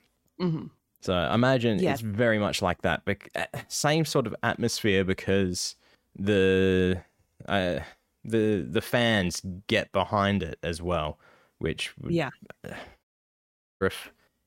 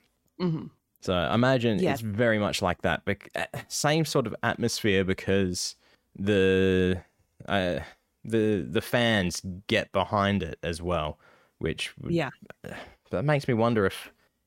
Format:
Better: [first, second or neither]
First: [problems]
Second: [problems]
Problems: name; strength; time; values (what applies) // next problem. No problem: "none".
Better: second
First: audio cutting out; at 13 s for 1 s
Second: none